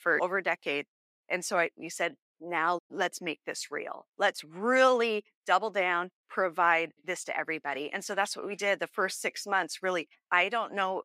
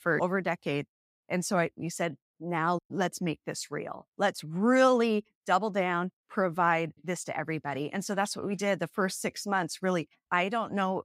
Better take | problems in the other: second | thin; somewhat; fading below 400 Hz

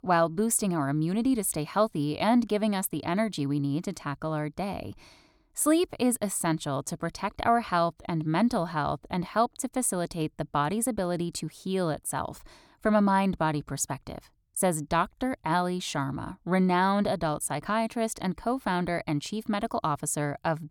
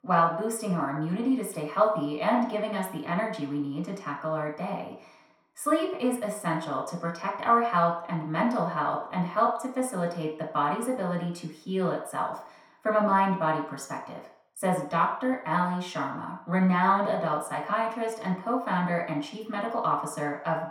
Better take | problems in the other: first | room echo; noticeable; dies away in 0.6 s // off-mic speech; far

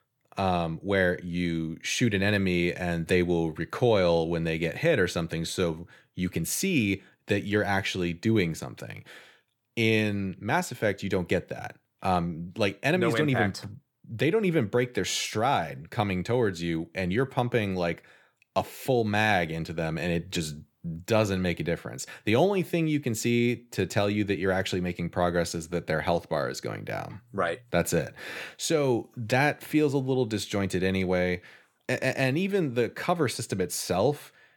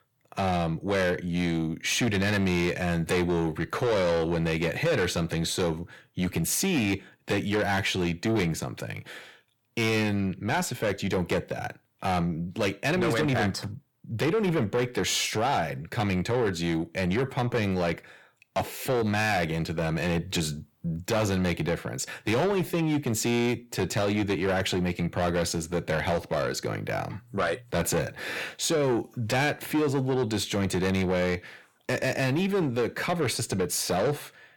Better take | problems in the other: first | distortion; heavy; 8 dB below the speech

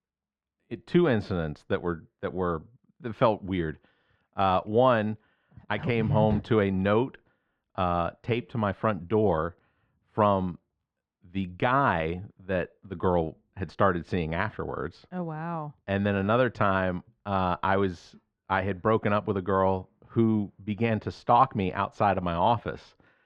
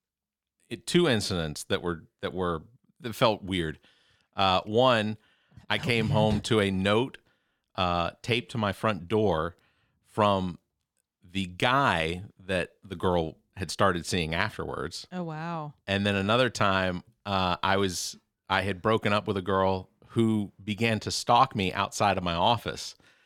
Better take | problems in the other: second | muffled; very; fading above 1.5 kHz

